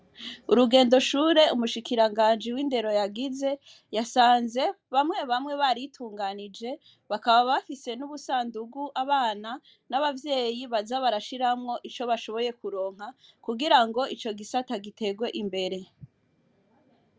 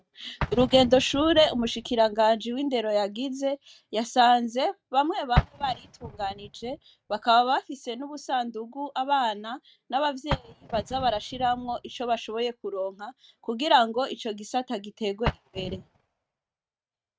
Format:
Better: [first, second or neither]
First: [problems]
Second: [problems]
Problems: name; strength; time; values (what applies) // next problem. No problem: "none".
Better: first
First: none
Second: noise reduction (neural mask model RNNoise)